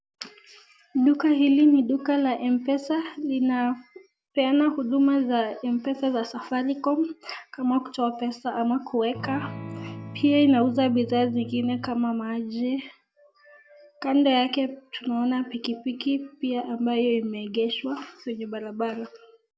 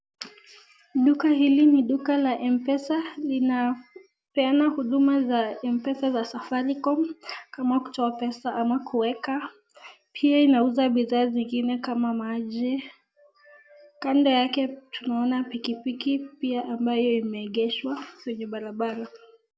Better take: second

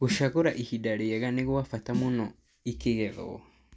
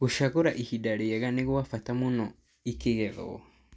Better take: second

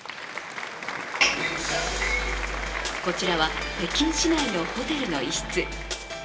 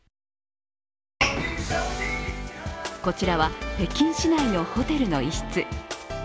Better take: second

